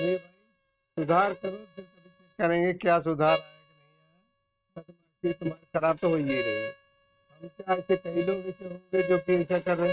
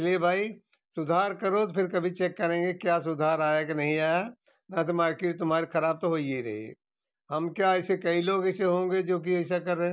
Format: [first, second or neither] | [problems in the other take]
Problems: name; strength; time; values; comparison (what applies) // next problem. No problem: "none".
second | noise reduction (neural mask model RNNoise)